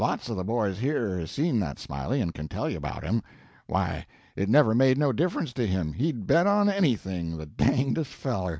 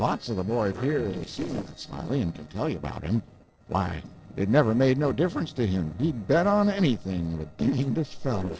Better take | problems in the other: first | noise reduction (neural separator model SepFormer DNS4)

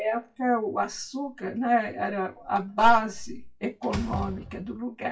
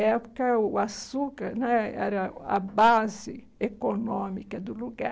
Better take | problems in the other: second | noise reduction (classical method WPE with log-MMSE)

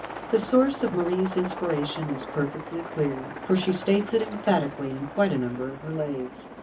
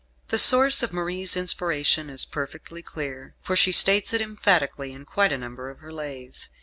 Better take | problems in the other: second | background sound (Aircraft); 11 dB below the speech // room echo; dies away in 0.3 s

